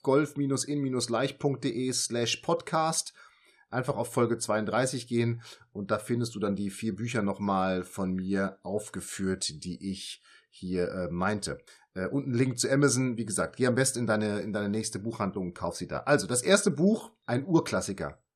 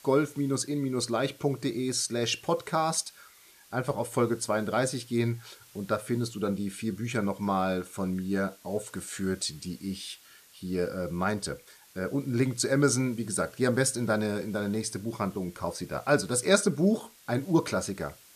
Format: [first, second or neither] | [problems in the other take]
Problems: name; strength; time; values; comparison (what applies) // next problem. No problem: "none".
first | hiss; faint; throughout; 25 dB below the speech